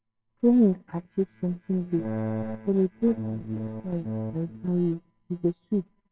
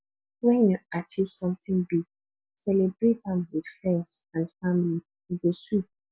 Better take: second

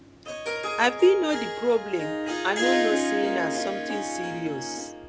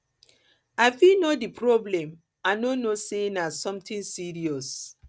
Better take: second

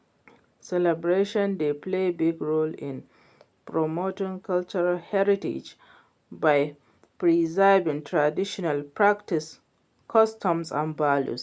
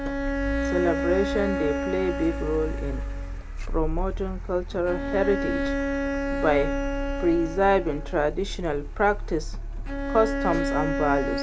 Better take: first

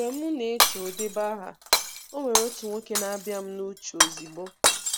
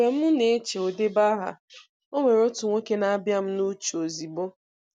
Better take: second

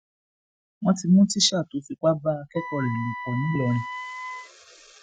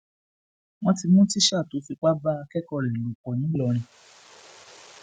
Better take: second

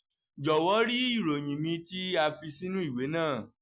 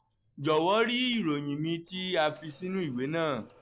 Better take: first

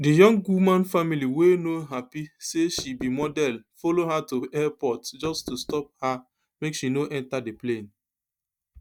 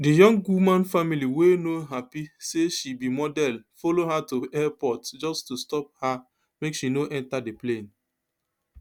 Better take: second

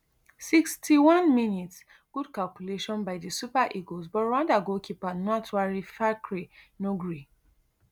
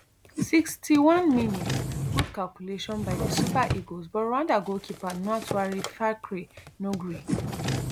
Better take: first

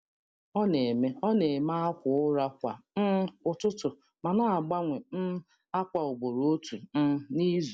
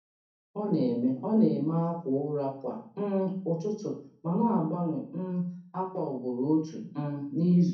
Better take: first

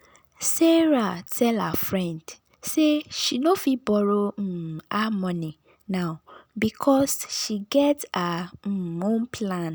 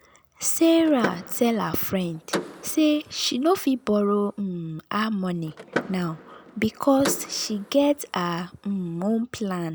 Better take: first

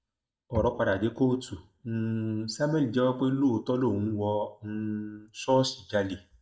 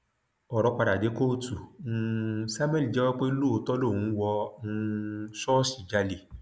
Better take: second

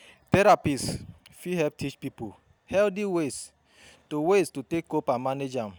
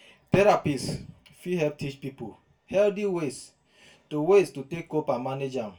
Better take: first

